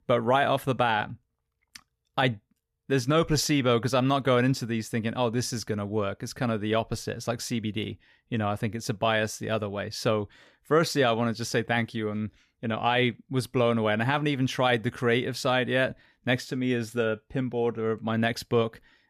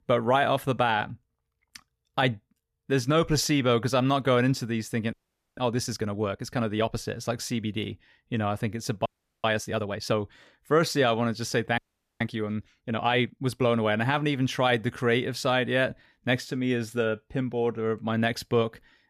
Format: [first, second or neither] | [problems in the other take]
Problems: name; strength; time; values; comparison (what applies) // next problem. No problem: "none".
first | audio freezing; at 5 s, at 9 s and at 12 s